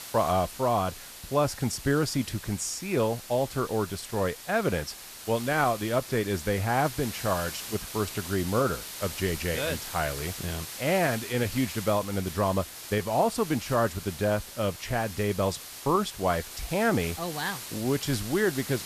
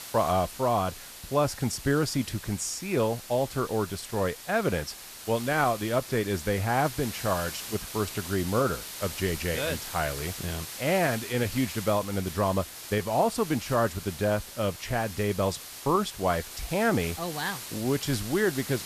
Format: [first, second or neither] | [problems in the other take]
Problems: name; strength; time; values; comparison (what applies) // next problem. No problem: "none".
neither | hiss; loud; throughout; 10 dB below the speech; the same in both